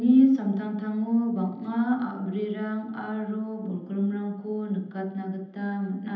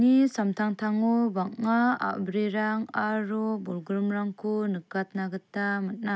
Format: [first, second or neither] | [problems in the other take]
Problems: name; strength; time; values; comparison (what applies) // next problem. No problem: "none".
second | room echo; dies away in 0.9 s